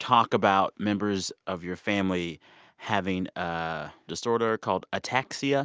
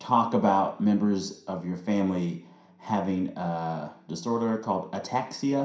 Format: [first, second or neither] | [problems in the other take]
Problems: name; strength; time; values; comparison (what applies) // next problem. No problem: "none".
first | room echo; dies away in 0.5 s